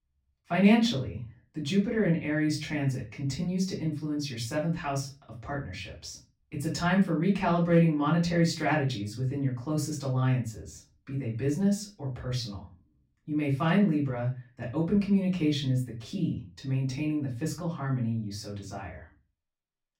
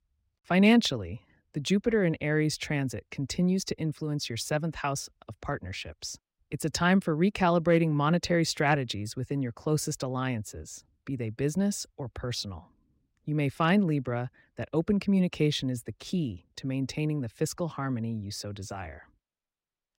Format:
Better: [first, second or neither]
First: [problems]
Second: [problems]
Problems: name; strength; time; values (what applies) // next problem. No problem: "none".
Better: second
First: off-mic speech; far // room echo; slight; dies away in 0.3 s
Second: none